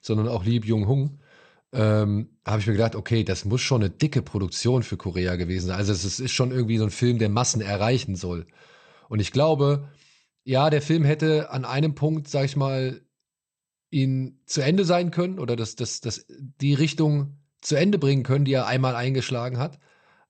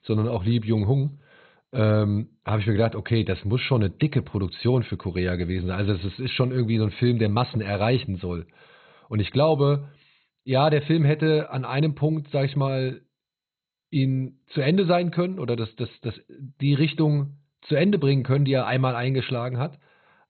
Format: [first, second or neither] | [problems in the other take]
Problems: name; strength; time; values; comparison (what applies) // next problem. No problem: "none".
first | garbled, watery; badly; nothing above 4 kHz; slightly in the first